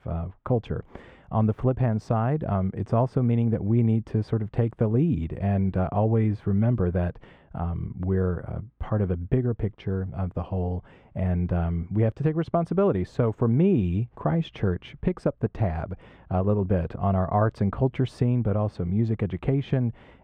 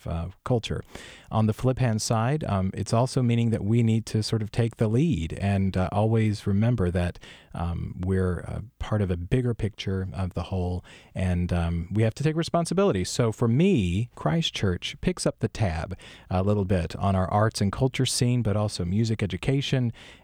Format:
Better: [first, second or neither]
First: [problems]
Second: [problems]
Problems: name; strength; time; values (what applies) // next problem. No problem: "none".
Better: second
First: muffled; very; fading above 3 kHz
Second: none